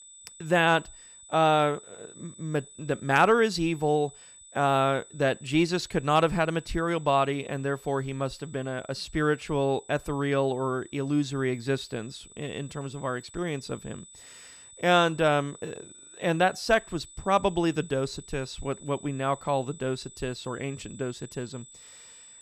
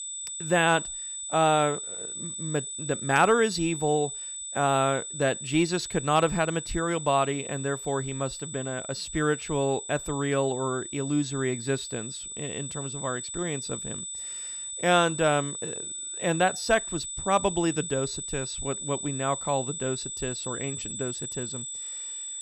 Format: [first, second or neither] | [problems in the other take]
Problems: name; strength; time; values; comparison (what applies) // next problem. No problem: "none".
first | high-pitched whine; loud; throughout; 8 kHz, 6 dB below the speech; faint in the first